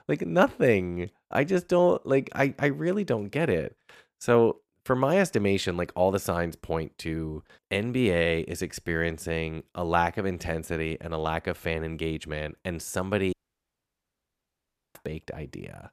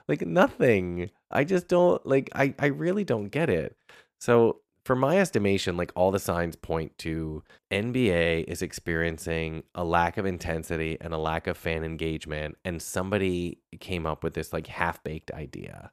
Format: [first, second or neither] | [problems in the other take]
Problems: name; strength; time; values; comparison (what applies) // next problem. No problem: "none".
second | audio cutting out; at 13 s for 1.5 s